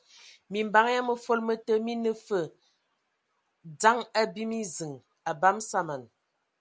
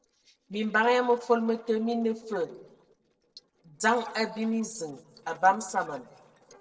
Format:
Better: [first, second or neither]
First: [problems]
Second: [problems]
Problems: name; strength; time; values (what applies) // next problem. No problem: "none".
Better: first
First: none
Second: noise reduction (neural separator model SepFormer DNS4)